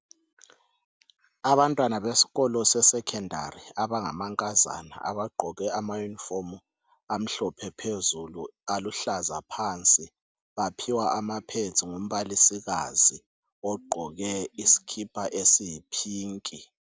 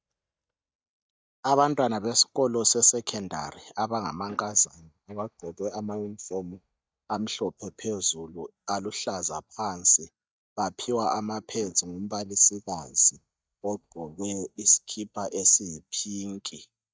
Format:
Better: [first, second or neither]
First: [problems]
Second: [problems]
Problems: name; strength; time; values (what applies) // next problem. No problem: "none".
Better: first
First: none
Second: noise reduction (neural mask model DeepFilterNet 3)